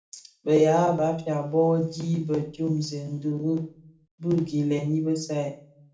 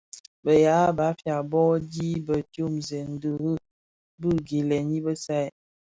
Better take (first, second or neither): second